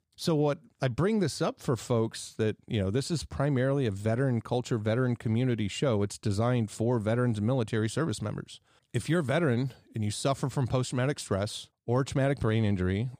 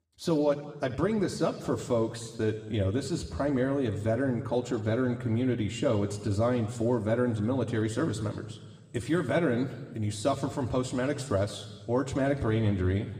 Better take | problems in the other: first | room echo; slight; dies away in 1.4 s

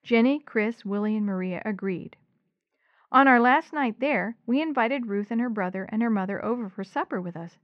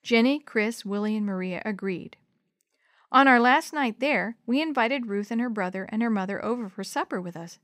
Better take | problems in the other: second | muffled; slightly; fading above 2.5 kHz

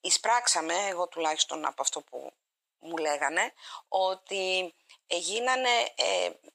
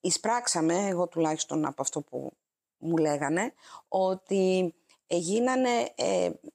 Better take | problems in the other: second | thin; very; fading below 800 Hz

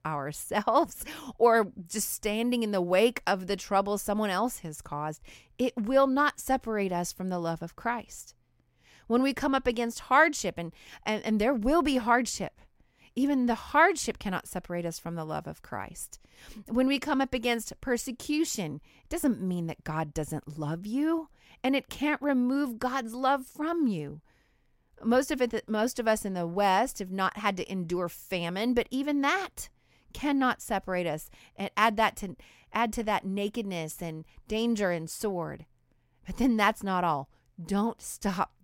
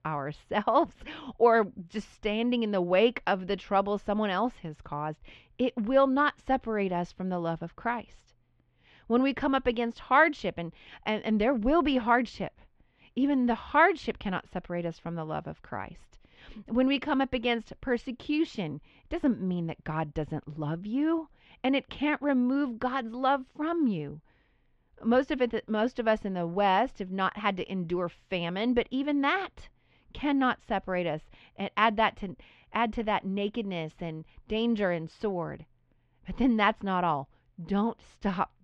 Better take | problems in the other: first | muffled; slightly; fading above 3.5 kHz

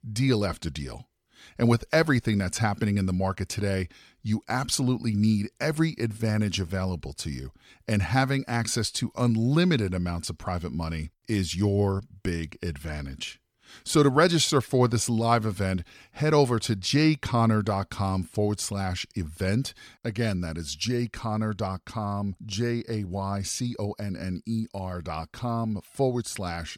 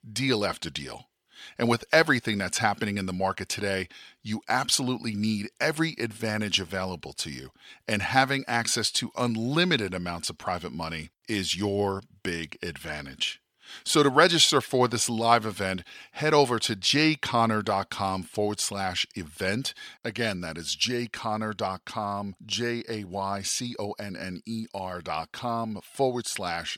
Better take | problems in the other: first | thin; somewhat; fading below 400 Hz

